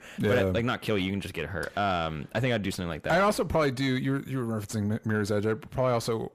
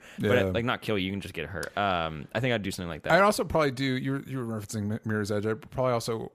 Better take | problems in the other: second | distortion; slight; 10 dB below the speech

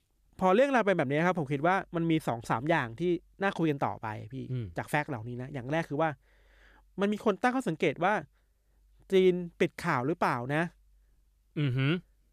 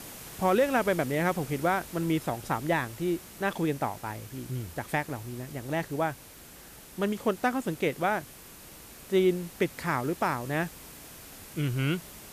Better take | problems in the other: first | hiss; noticeable; throughout; 15 dB below the speech

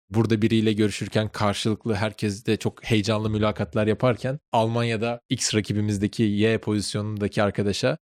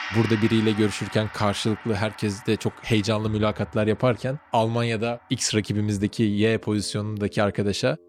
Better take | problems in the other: first | background music; noticeable; throughout; 15 dB below the speech

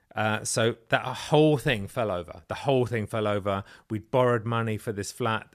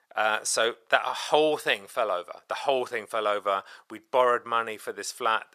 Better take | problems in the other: first | thin; very; fading below 600 Hz

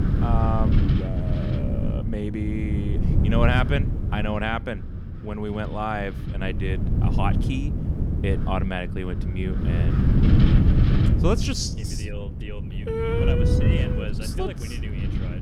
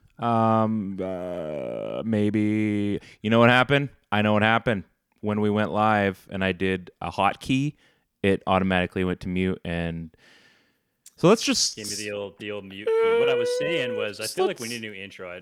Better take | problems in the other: second | wind noise on the microphone; heavy; 4 dB below the speech

